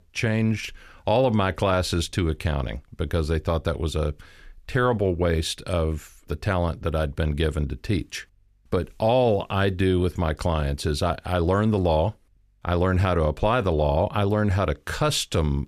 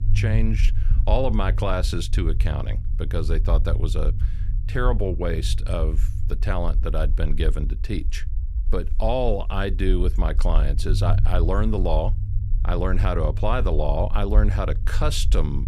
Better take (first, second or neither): first